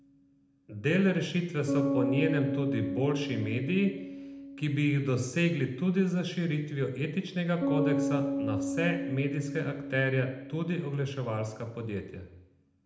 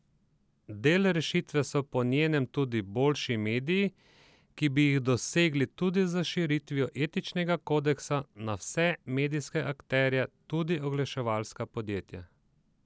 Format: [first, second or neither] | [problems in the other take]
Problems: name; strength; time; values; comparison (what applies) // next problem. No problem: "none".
second | background sound (Bass guitar); 5 dB below the speech // room echo; dies away in 0.8 s